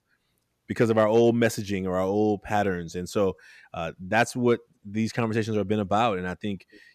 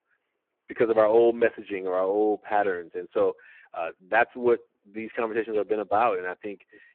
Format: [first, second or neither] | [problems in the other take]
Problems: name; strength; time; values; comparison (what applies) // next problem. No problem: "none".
first | phone-call audio; poor line